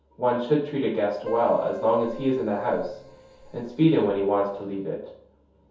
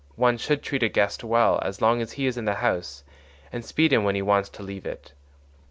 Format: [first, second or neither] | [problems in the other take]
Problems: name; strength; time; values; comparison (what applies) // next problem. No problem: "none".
second | background sound (Keyboard (musical)); 16 dB below the speech // room echo; dies away in 0.6 s